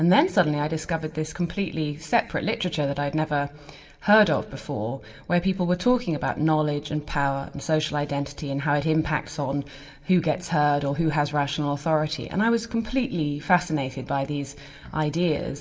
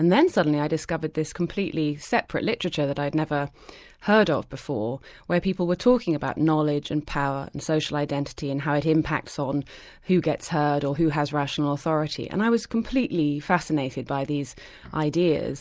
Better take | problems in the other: second | room echo; dies away in 0.9 s

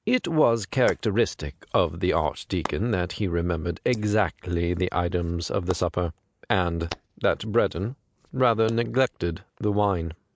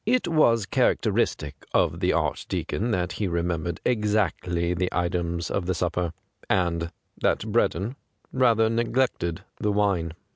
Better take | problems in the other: second | noise reduction (neural mask model Resemble Enhance denoiser)

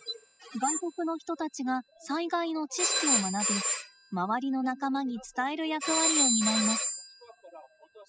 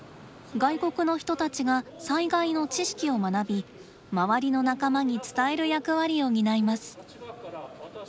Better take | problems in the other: second | noise reduction (classical method spectral subtraction)

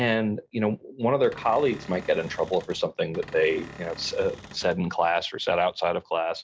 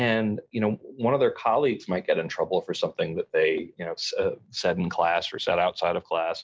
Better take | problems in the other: second | background sound (Cupboard open or close / Door); 17 dB below the speech

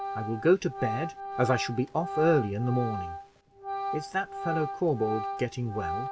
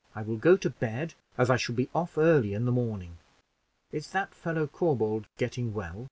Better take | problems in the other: second | background sound (Organ); 6 dB below the speech

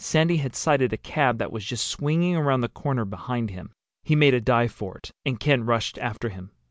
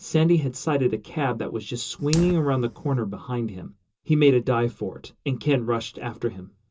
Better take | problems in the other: first | background sound (Fire); 20 dB below the speech // room echo; dies away in 0.2 s

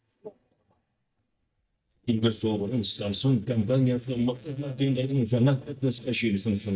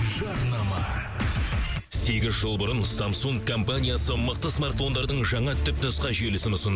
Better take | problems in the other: second | noise reduction (neural mask model DeepFilterNet 3)

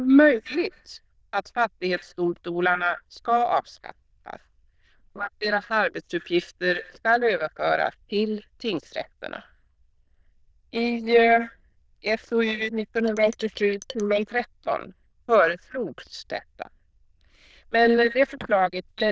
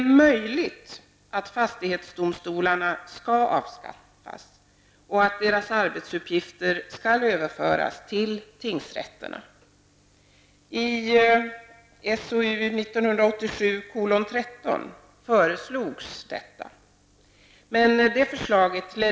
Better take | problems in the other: second | noise reduction (neural diffusion model UNIVERSE++)

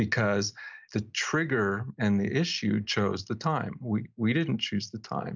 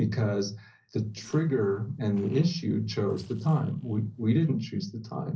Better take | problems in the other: first | noise reduction (neural separator model SepFormer DNS4)

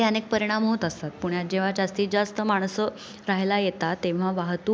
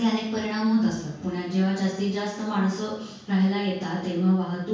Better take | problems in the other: first | room echo; dies away in 0.6 s

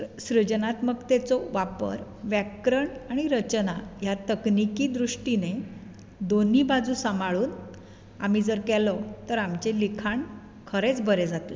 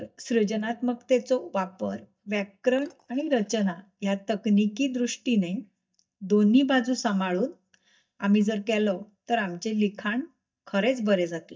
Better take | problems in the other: first | noise reduction (neural mask model DeepFilterNet 3)

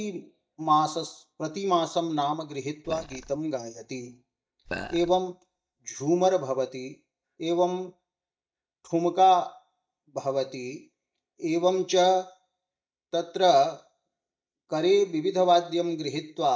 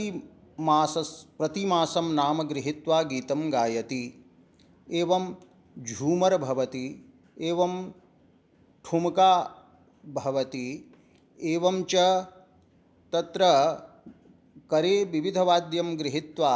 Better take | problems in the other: second | noise reduction (neural mask model DeepFilterNet 3)

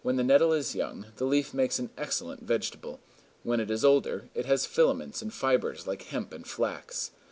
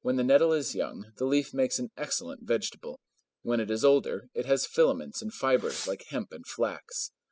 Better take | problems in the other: first | noise reduction (classical method spectral subtraction)

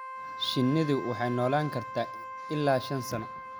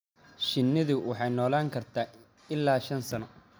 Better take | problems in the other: second | background sound (Wind instrument, woodwind instrument); 10 dB below the speech

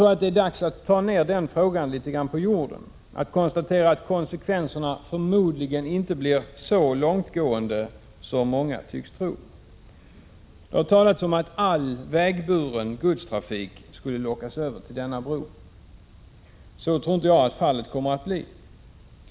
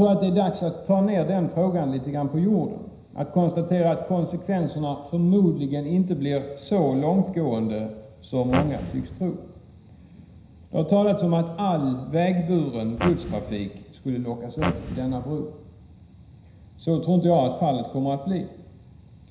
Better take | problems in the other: first | background sound (Fart); 6 dB below the speech // room echo; dies away in 0.9 s

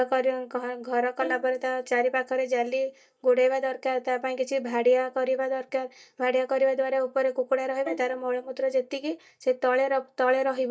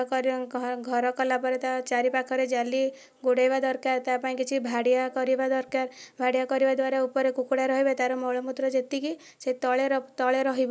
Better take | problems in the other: second | noise reduction (neural mask model DeepFilterNet 3)

